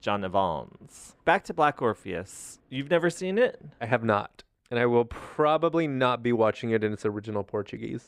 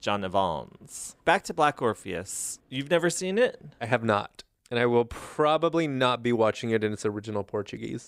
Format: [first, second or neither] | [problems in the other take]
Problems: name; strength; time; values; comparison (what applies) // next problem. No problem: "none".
second | muffled; slightly; fading above 3.5 kHz